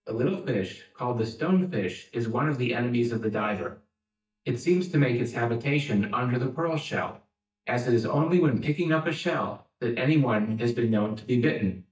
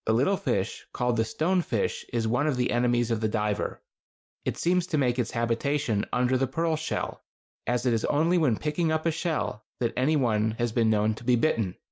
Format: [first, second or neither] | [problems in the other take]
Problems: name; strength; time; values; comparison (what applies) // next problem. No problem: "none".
second | noise reduction (neural mask model DeepFilterNet 3)